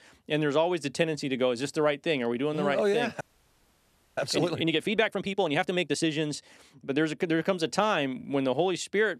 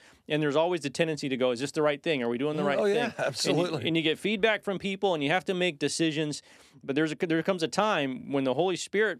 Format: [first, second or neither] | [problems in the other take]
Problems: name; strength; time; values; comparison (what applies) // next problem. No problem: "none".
second | audio freezing; at 3 s for 1 s